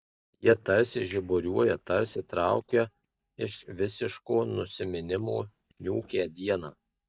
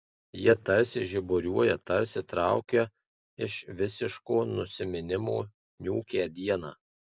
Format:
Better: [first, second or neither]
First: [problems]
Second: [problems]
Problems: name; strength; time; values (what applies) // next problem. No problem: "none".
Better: second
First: noise reduction (neural mask model DeepFilterNet 3)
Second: none